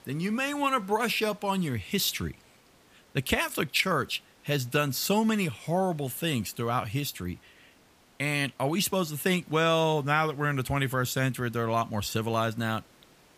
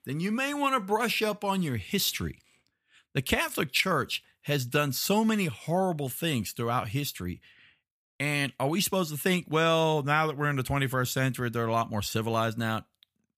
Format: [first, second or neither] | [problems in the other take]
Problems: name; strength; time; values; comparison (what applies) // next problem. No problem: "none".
second | hiss; faint; throughout; 30 dB below the speech